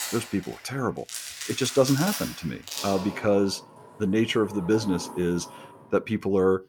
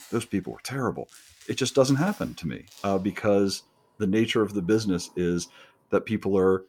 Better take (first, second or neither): second